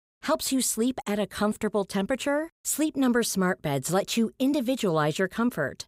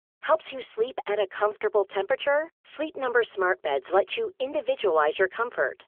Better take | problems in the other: first | phone-call audio; nothing above 3.5 kHz

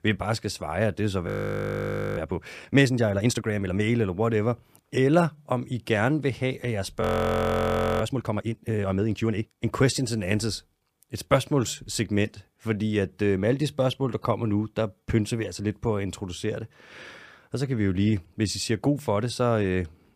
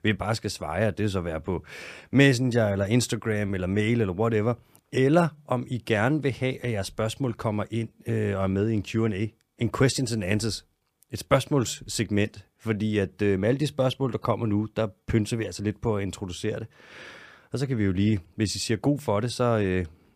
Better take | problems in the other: second | audio freezing; at 1.5 s for 1 s and at 7 s for 1 s

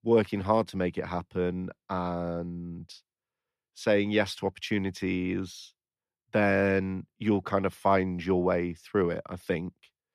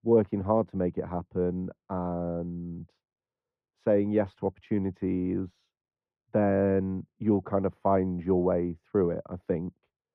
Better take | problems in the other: first | muffled; very; fading above 2 kHz

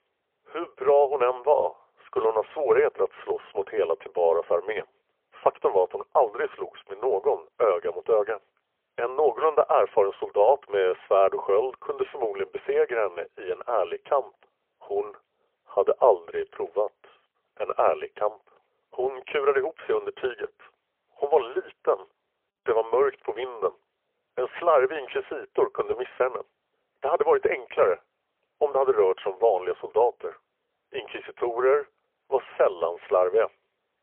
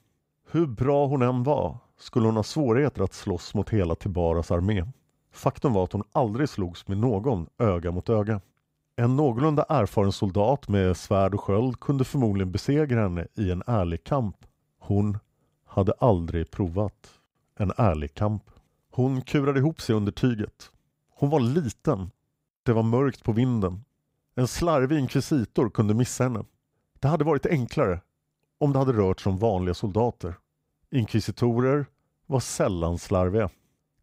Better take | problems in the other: second | phone-call audio; poor line; nothing above 3 kHz

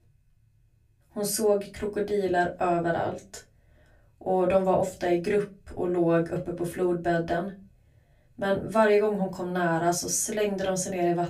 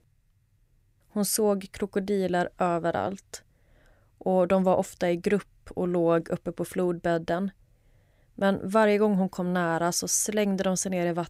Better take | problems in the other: second | off-mic speech; far // room echo; very slight; dies away in 0.2 s

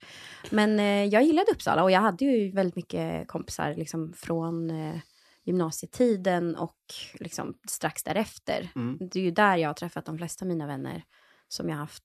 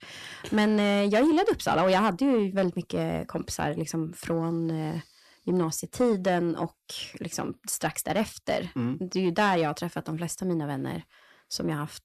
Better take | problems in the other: first | distortion; slight; 10 dB below the speech

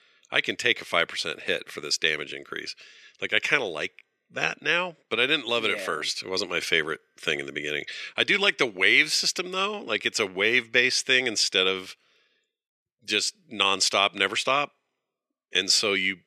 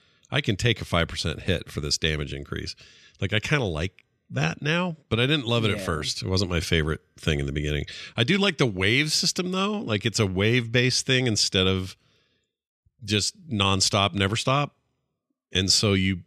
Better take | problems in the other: second | thin; very; fading below 400 Hz

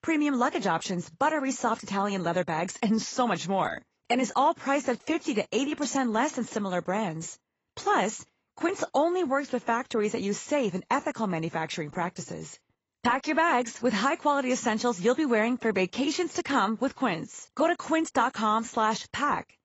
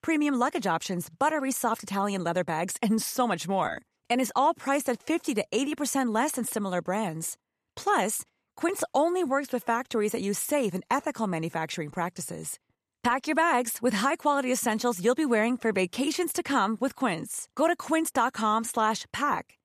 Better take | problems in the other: second | garbled, watery; badly; nothing above 7.5 kHz

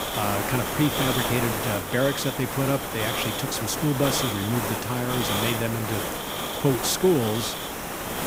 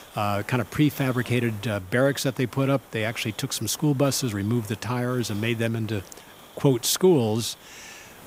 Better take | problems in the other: second | hiss; loud; throughout; 1 dB below the speech; faint in the second

